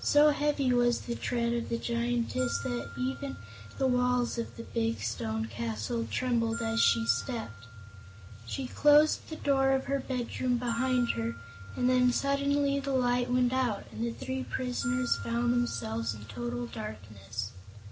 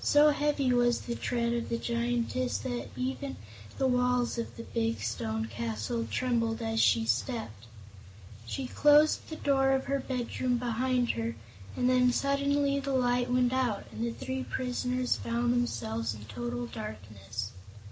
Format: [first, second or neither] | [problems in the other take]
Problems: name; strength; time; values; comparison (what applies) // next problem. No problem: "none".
second | background sound (Glockenspiel); 19 dB below the speech